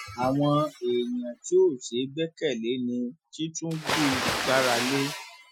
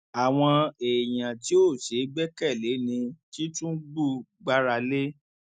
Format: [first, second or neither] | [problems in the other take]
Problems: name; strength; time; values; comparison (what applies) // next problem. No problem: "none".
second | noise reduction (classical method Wiener filter)